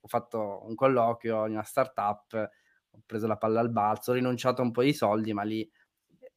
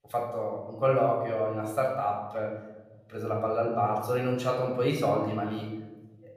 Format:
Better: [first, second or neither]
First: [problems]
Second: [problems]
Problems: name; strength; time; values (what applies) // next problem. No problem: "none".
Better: first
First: none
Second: off-mic speech; somewhat distant // room echo; noticeable; dies away in 1 s